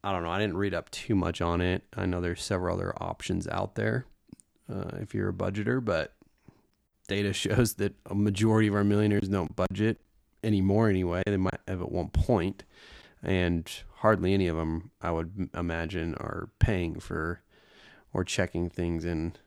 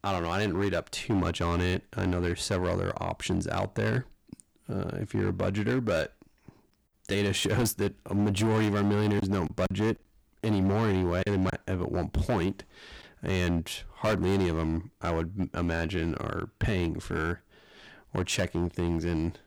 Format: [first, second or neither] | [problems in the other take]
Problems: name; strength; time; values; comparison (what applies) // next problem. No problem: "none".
first | distortion; heavy; 12% of the sound clipped